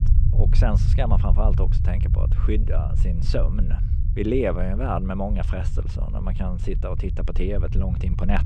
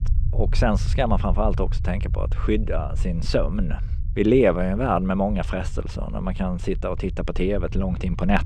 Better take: second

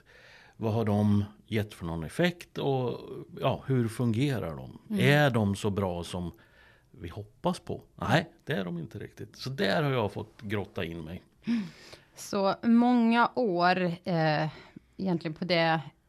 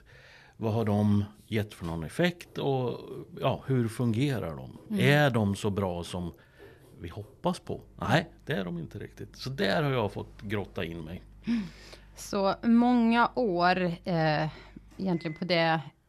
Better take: first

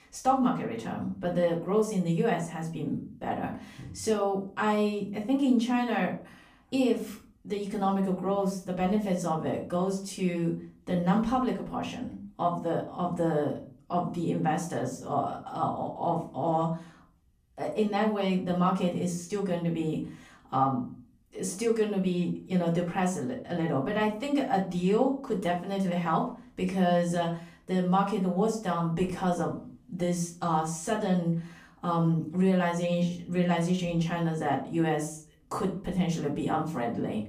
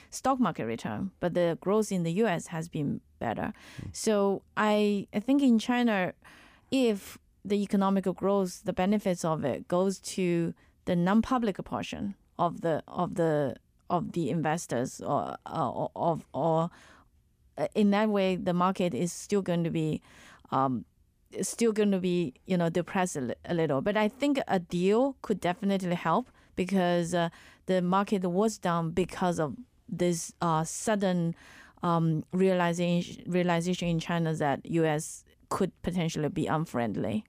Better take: second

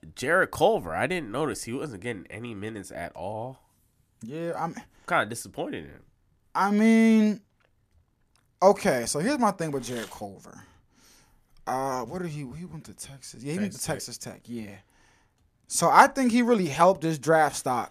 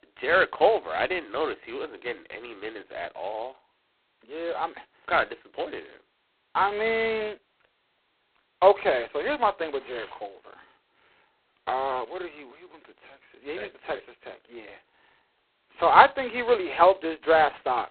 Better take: first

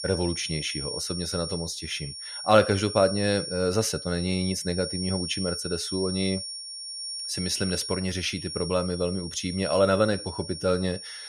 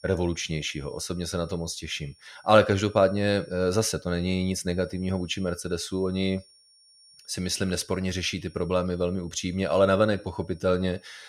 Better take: second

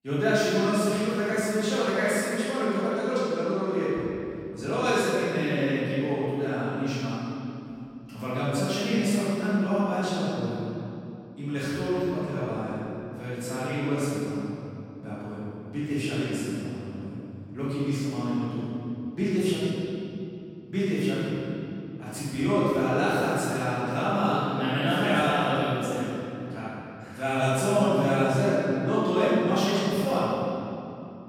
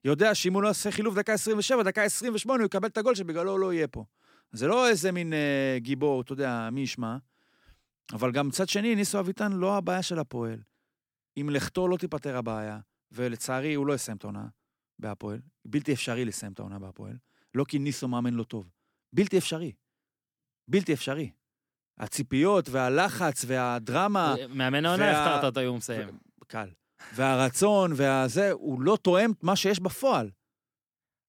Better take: second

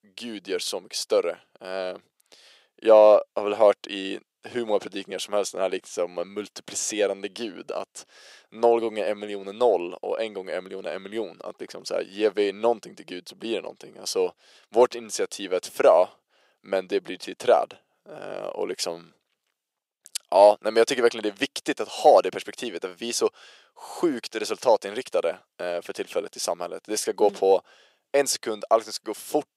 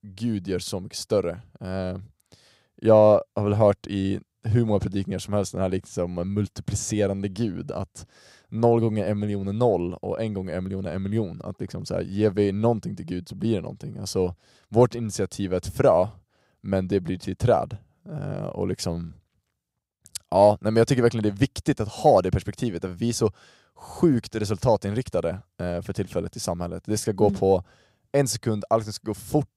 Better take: second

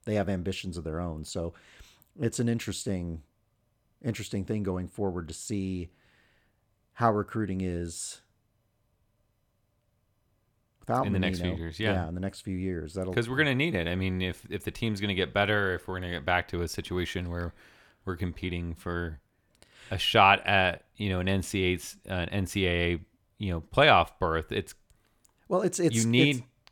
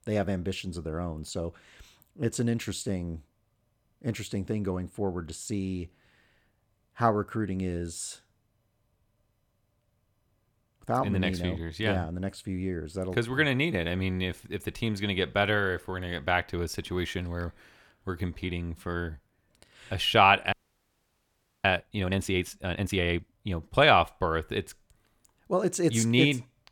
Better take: first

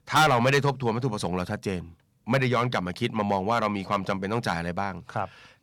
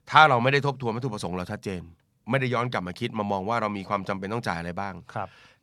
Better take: second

